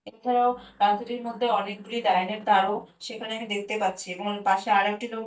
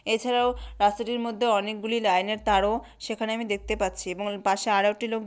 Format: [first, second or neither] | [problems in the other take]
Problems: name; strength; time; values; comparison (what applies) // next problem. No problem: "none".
second | noise reduction (neural mask model DeepFilterNet 3)